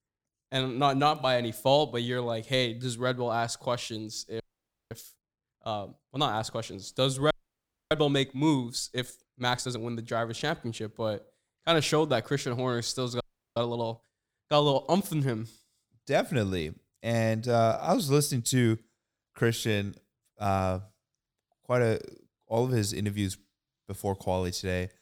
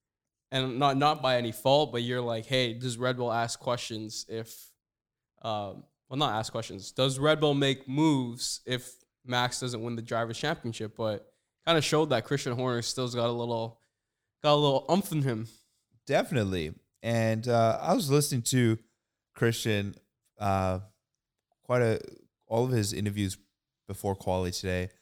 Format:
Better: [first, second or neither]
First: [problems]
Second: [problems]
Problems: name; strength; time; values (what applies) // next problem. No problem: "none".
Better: second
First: audio freezing; at 4.5 s for 0.5 s, at 7.5 s for 0.5 s and at 13 s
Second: none